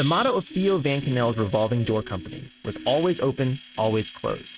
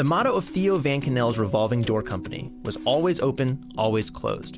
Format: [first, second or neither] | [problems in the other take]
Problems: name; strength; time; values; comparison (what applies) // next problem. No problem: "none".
second | noise reduction (neural mask model RNNoise)